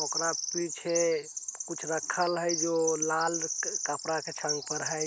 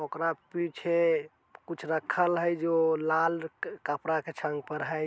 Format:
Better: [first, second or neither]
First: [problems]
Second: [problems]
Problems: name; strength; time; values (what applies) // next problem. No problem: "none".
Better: second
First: background sound (Bird vocalization, bird call, bird song); 4 dB below the speech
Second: none